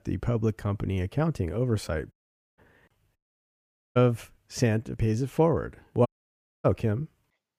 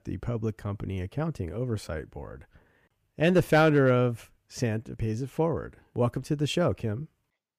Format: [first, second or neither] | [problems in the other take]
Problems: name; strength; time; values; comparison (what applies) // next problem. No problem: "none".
second | audio cutting out; at 2 s, at 3 s for 1 s and at 6 s for 0.5 s